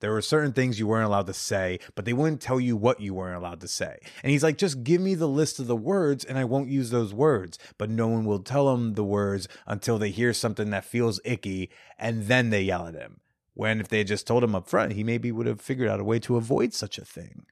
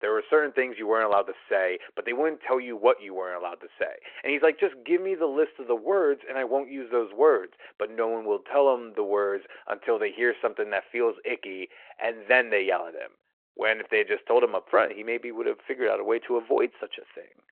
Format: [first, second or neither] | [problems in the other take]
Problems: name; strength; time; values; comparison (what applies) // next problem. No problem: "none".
first | phone-call audio